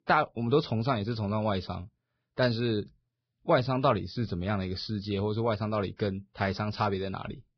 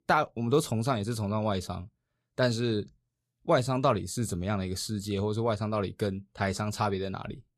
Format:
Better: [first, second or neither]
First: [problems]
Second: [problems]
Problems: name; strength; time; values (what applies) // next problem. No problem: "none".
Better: second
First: garbled, watery; badly; nothing above 5 kHz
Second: garbled, watery; slightly; nothing above 12.5 kHz